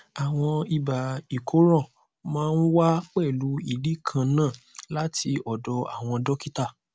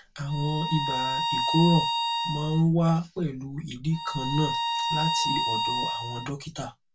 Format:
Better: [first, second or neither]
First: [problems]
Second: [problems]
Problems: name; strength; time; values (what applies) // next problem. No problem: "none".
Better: first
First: none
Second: background sound (Bowed string instrument); 1 dB below the speech // room echo; dies away in 0.1 s